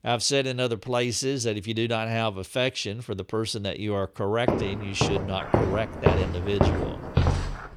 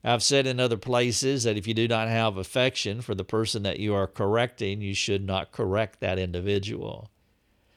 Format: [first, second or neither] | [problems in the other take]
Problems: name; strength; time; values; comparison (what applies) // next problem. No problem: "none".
second | footsteps; loud; from 4.5 s on; peak 3 dB above the speech